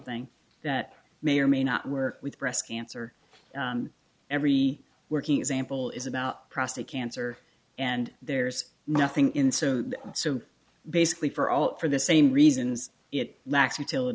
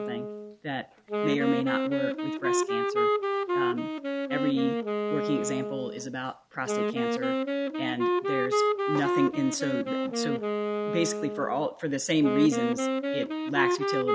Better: first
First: none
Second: background sound (Wind instrument, woodwind instrument); 2 dB above the speech

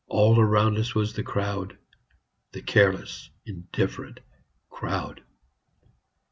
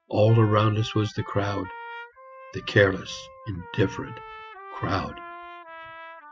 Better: first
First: none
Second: noise reduction (classical method spectral subtraction)

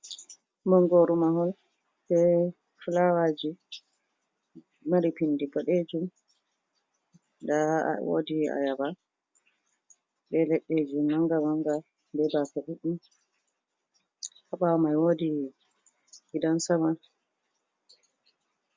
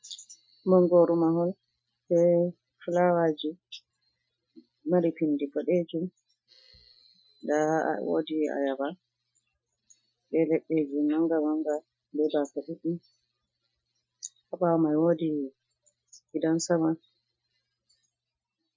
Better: first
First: none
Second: noise reduction (classical method Wiener filter)

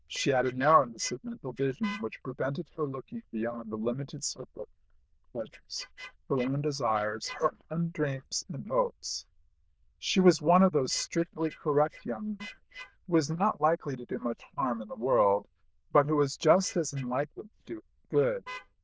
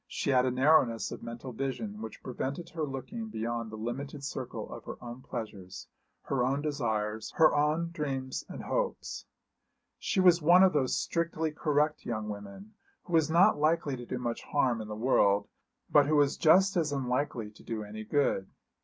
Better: second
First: noise reduction (neural diffusion model UNIVERSE++)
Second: none

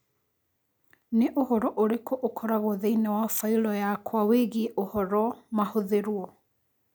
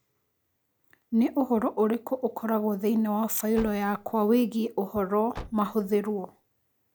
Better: first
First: none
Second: background sound (Car); 19 dB below the speech

